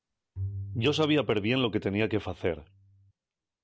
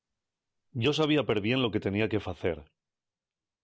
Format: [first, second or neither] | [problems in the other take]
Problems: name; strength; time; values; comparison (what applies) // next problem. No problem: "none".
second | background sound (Bowed string instrument); 12 dB below the speech